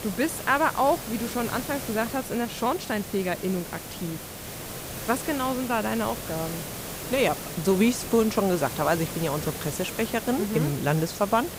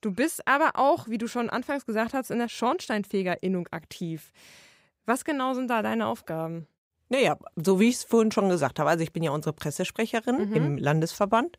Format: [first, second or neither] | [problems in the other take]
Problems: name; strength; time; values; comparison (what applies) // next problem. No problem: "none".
second | hiss; loud; throughout; 8 dB below the speech